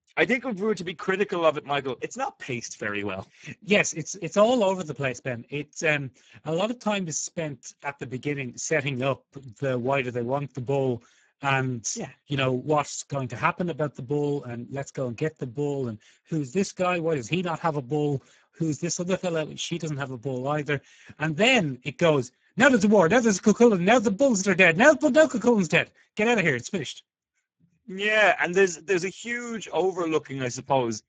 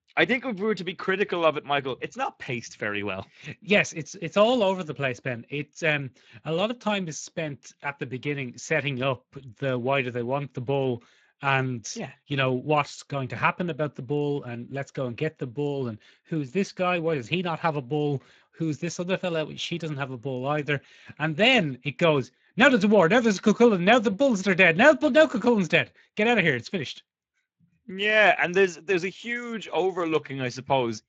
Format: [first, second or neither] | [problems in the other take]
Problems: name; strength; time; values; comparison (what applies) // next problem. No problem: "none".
second | garbled, watery; badly; nothing above 7.5 kHz; slightly in the second